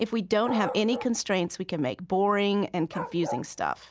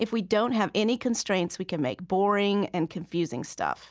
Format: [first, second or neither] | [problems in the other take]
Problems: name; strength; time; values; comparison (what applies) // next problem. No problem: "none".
second | background sound (Bark); 12 dB below the speech